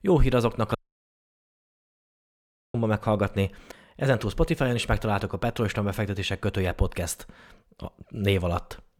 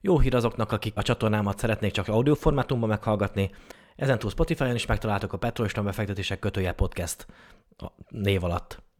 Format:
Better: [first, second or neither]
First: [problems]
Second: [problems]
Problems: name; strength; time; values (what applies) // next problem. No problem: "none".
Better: second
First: audio cutting out; at 1 s for 2 s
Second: none